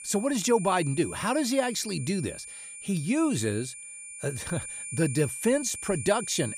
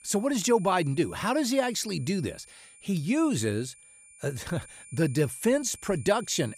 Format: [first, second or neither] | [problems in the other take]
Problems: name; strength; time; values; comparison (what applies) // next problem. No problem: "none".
second | high-pitched whine; loud; throughout; 9.5 kHz, 10 dB below the speech; faint in the second